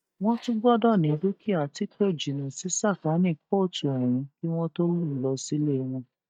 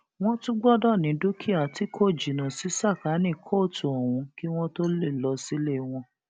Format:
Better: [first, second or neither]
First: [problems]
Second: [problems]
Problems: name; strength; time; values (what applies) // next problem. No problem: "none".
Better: second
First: noise reduction (neural mask model DeepFilterNet 3)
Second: none